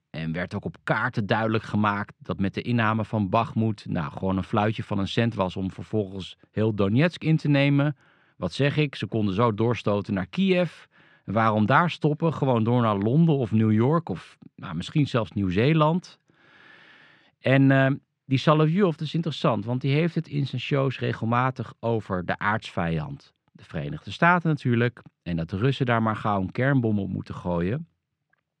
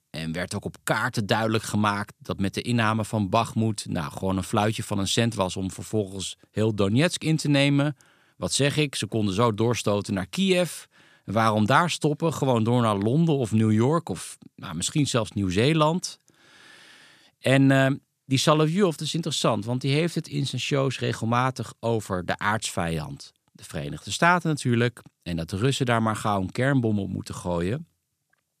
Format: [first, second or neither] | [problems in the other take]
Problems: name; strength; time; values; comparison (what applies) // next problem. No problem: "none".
second | muffled; slightly; fading above 2.5 kHz